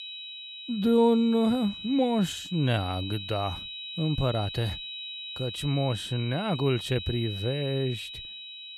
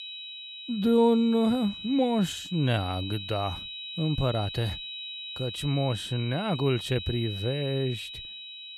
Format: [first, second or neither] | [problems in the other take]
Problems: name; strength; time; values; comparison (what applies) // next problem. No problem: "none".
neither | high-pitched whine; loud; throughout; 4 kHz, 9 dB below the speech; the same in both